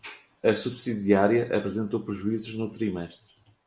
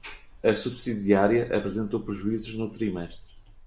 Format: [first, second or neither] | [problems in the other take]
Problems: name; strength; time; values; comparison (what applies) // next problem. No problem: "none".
first | background sound (Mechanical fan); 20 dB below the speech